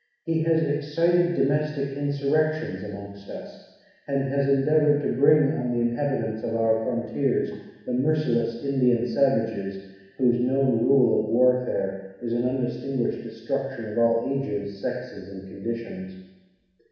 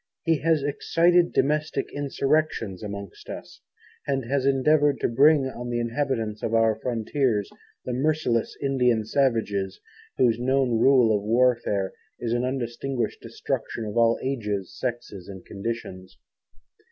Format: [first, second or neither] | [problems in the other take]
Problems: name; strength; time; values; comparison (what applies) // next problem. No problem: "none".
second | room echo; dies away in 1.1 s